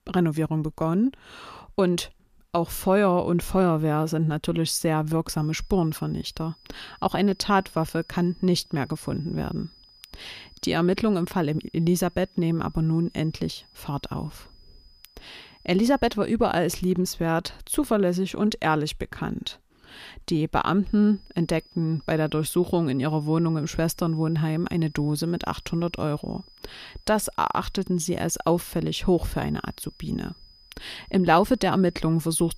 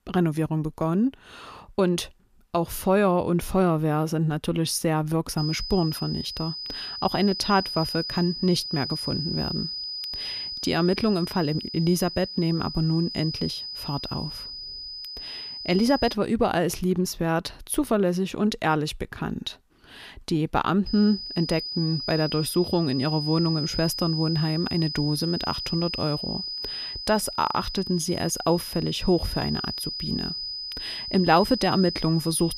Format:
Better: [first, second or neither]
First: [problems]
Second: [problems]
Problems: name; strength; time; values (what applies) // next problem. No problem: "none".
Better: first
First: high-pitched whine; faint; from 5.5 to 16 s and from 21 s on; 5 kHz, 30 dB below the speech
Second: high-pitched whine; loud; from 5.5 to 16 s and from 21 s on; 5 kHz, 6 dB below the speech